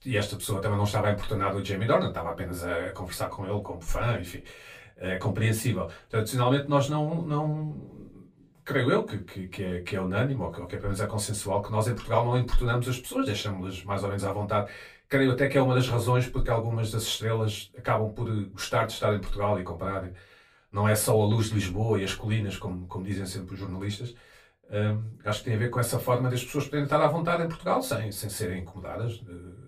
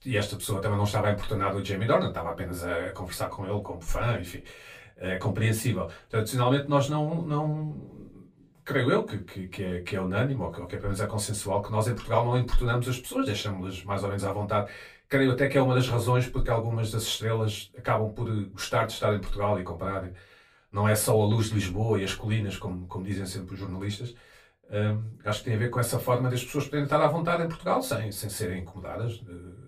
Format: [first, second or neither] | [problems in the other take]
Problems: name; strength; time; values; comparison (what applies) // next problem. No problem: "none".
neither | off-mic speech; far; the same in both // room echo; very slight; dies away in 0.2 s; the same in both